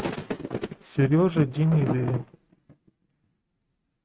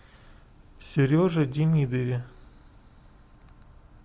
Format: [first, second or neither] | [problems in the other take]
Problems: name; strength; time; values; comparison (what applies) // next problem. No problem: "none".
second | noise reduction (neural mask model RNNoise)